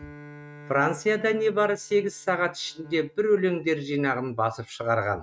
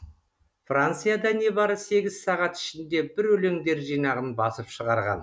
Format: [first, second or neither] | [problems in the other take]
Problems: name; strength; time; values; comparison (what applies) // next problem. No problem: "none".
second | noise reduction (neural mask model RNNoise)